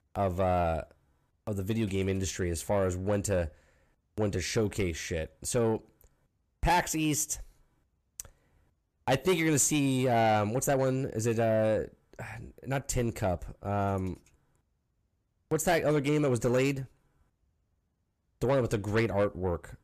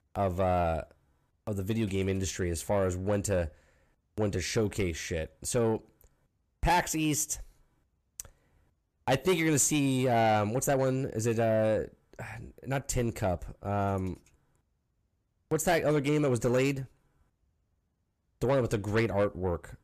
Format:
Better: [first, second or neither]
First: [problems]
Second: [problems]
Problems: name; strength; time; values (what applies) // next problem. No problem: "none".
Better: neither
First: distortion; slight; 10 dB below the speech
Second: distortion; slight; 10 dB below the speech